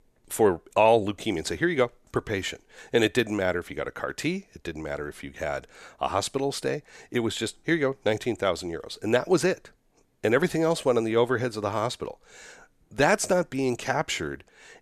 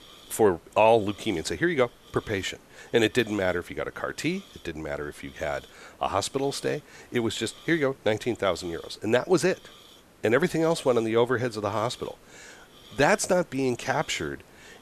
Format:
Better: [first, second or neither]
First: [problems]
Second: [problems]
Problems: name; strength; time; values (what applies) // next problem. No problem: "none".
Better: first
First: none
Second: hiss; faint; throughout; 25 dB below the speech